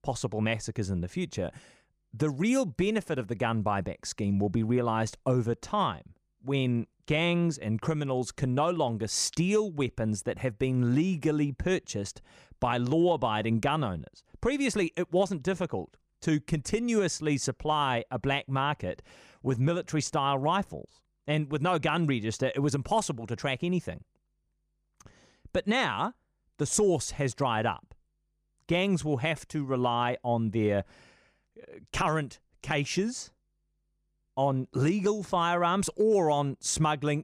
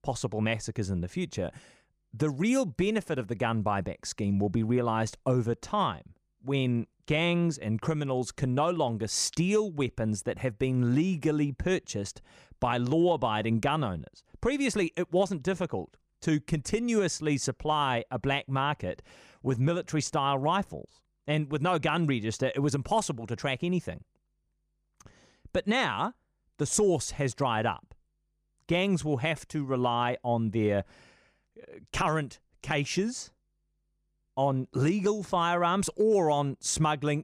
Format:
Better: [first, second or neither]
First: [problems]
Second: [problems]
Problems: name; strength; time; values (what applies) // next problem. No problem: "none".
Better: neither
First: none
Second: none